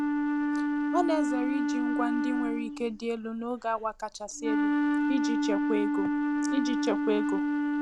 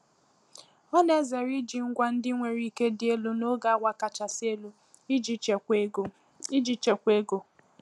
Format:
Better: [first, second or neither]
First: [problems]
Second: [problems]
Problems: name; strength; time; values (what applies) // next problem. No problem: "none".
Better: second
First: background sound (Wind instrument, woodwind instrument); 5 dB above the speech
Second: none